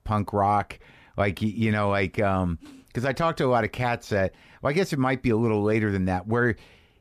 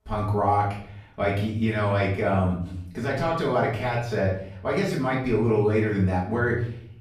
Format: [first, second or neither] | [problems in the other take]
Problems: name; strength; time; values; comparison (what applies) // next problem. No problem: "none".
first | off-mic speech; far // room echo; noticeable; dies away in 0.6 s